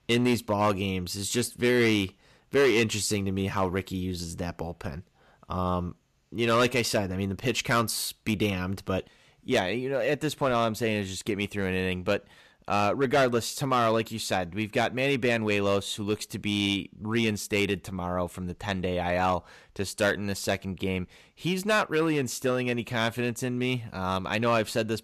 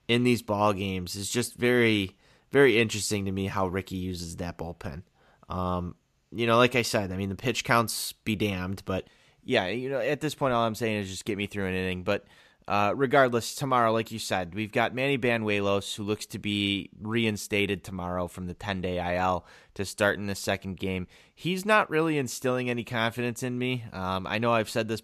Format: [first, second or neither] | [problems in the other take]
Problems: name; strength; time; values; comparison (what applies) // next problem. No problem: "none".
second | distortion; slight; 3% of the sound clipped